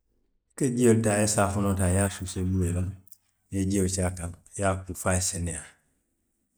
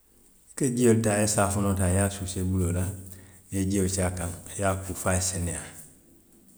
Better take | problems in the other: second | noise reduction (neural mask model DeepFilterNet 3)

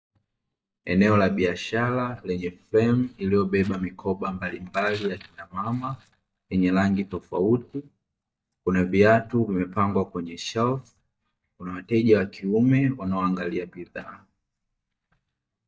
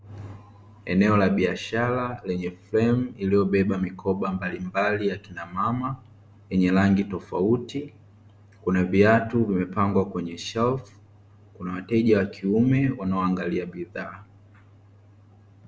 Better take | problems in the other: second | noise reduction (neural mask model DeepFilterNet 3)

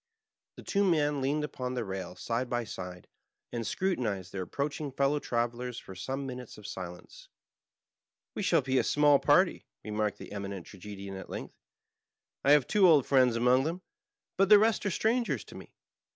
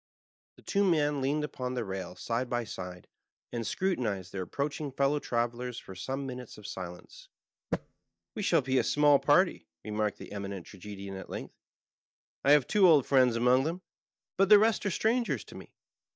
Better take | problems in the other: first | noise reduction (neural mask model DeepFilterNet 3)

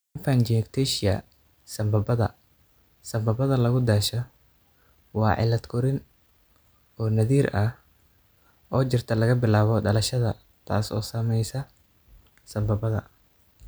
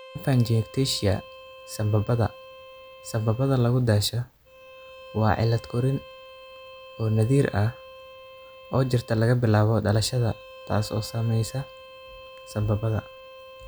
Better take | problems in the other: first | background sound (Bowed string instrument); 20 dB below the speech

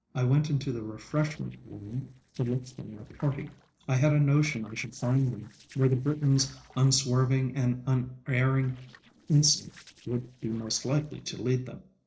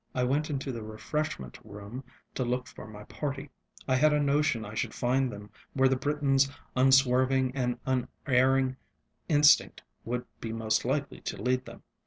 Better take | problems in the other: second | noise reduction (neural separator model SepFormer DNS4)

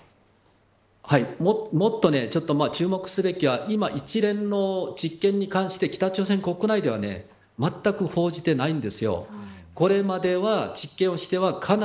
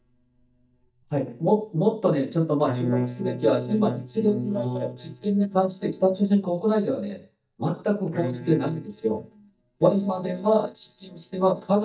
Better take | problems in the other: first | noise reduction (neural mask model DeepFilterNet 3)

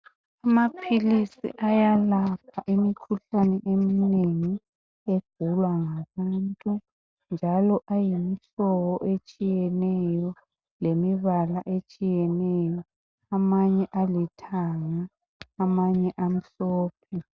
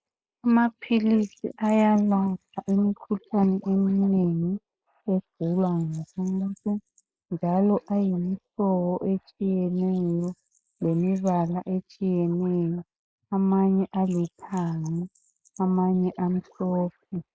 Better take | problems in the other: first | noise reduction (neural mask model Resemble Enhance denoiser)

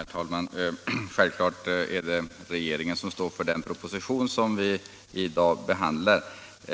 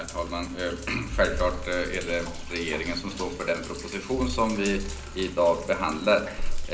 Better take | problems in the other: first | background sound (Sink (filling or washing)); 5 dB below the speech // room echo; dies away in 0.5 s

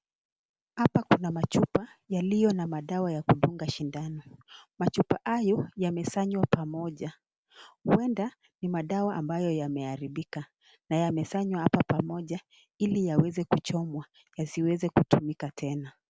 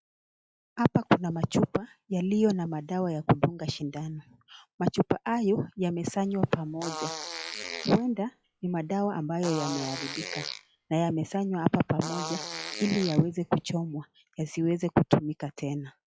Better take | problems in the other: first | noise reduction (classical method log-MMSE)

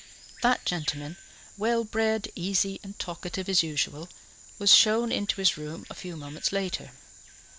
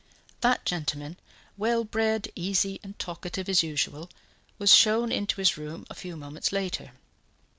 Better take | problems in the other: second | background sound (Bird vocalization, bird call, bird song); 20 dB below the speech

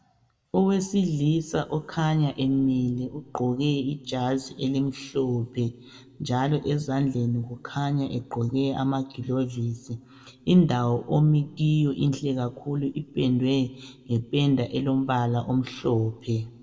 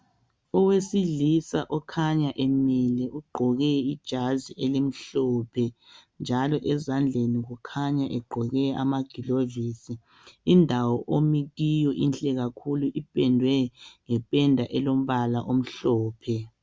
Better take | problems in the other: second | room echo; dies away in 2.4 s

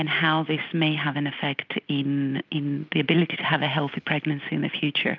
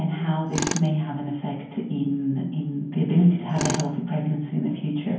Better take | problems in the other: first | background sound (Tools); 11 dB below the speech // room echo; dies away in 0.9 s

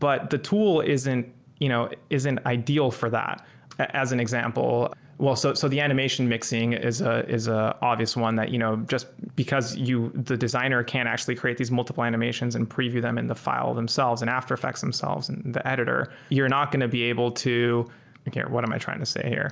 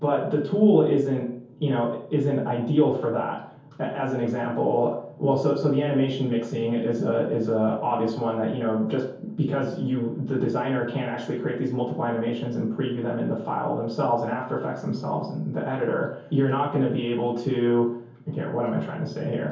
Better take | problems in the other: first | room echo; dies away in 0.6 s

